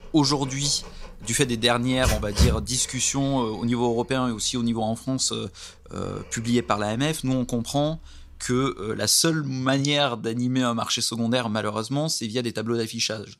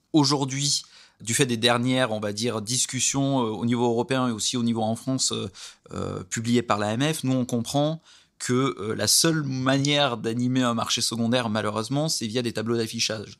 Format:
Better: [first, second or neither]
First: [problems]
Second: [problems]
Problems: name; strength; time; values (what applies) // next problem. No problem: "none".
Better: second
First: dog barking; loud; from 1 to 2.5 s; peak 1 dB above the speech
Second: none